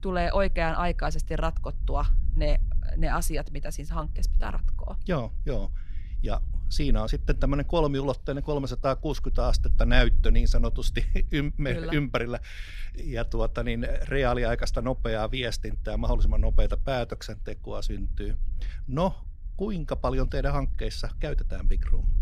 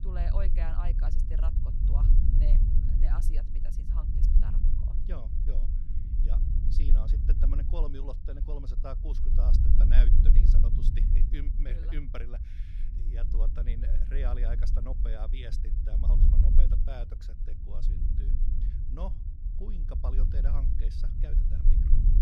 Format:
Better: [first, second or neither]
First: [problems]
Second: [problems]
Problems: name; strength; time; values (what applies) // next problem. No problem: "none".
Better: first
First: low rumble; faint; throughout; 25 dB below the speech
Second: low rumble; loud; throughout; 2 dB below the speech